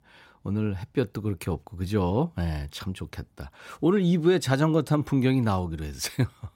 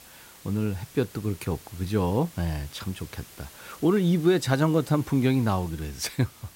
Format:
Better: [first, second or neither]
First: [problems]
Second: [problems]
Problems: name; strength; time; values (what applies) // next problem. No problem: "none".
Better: first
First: none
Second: hiss; faint; throughout; 20 dB below the speech